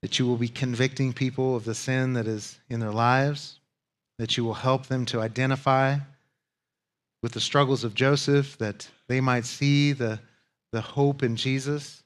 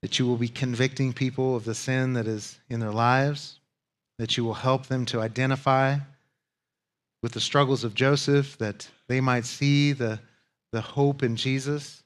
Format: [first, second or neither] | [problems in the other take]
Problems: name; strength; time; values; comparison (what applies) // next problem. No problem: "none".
neither | none